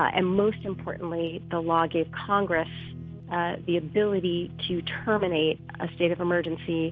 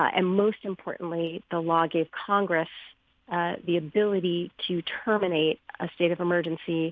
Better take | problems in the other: second | background sound (Guitar); 13 dB below the speech

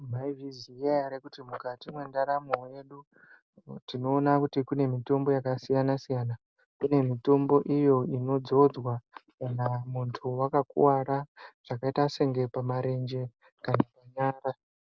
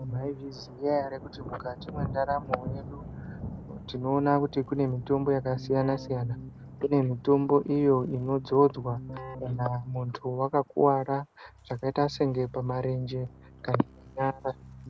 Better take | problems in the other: first | background sound (Keyboard (musical) + Thunder); 14 dB below the speech

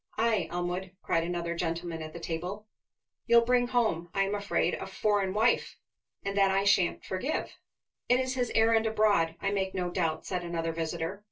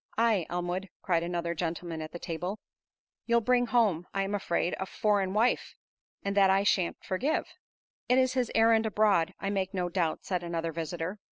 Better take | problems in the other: second | room echo; dies away in 0.2 s

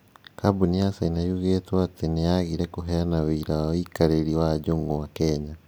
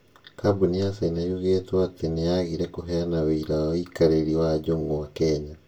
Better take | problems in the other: first | room echo; dies away in 0.2 s

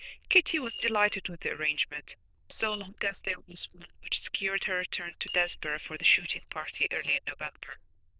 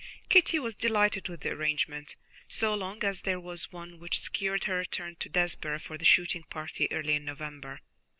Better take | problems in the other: second | noise reduction (neural diffusion model UNIVERSE++)

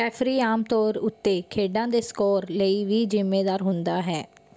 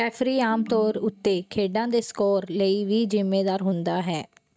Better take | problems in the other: first | noise reduction (neural mask model RNNoise)

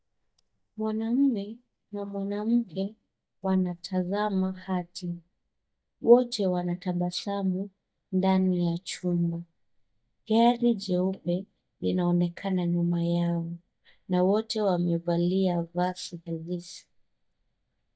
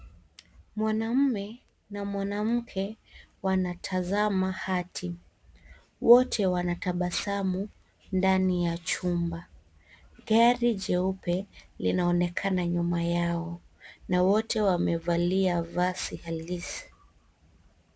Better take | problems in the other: second | noise reduction (neural mask model DeepFilterNet 3)

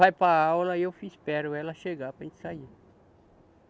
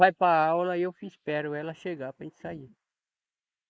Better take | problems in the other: first | noise reduction (neural mask model Resemble Enhance denoiser)

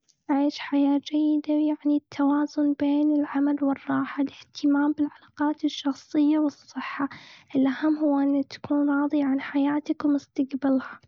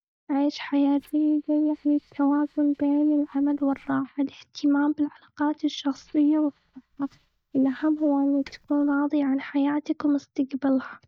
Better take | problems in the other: first | noise reduction (neural mask model DeepFilterNet 3)

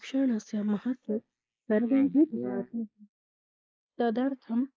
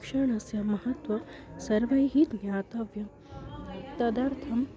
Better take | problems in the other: second | noise reduction (neural mask model Resemble Enhance denoiser)

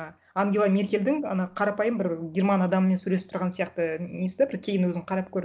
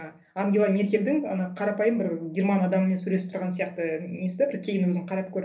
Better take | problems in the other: first | room echo; dies away in 0.3 s

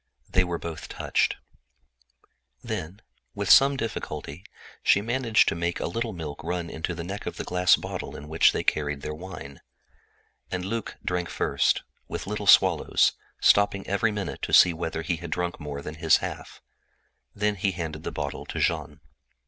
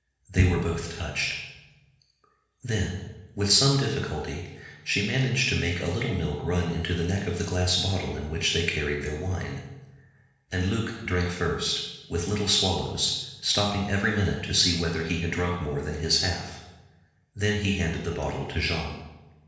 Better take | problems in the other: first | room echo; dies away in 1.1 s

